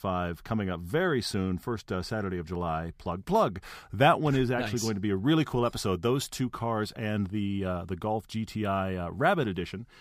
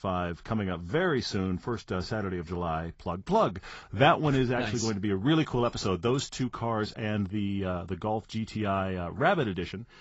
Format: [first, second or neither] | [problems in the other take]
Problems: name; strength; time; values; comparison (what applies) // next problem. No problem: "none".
first | garbled, watery; badly; nothing above 7.5 kHz